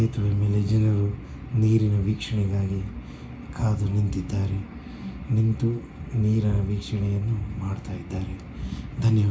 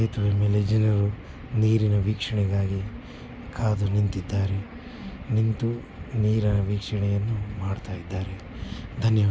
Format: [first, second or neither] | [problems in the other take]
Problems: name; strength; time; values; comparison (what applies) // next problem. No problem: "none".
second | room echo; dies away in 0.4 s